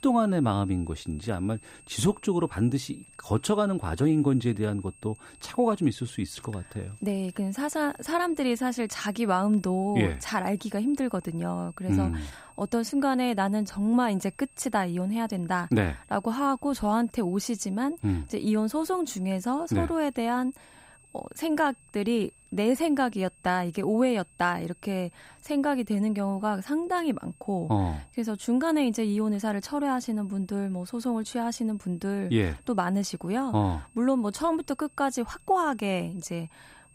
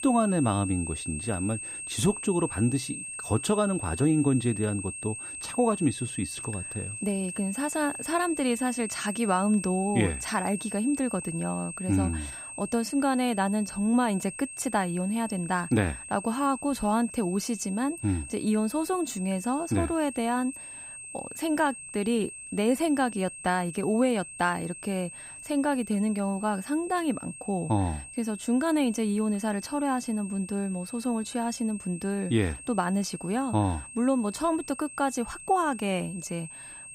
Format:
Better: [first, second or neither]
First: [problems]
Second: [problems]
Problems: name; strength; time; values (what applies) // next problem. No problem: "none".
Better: first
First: high-pitched whine; faint; throughout; 8.5 kHz, 25 dB below the speech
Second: high-pitched whine; loud; throughout; 8.5 kHz, 9 dB below the speech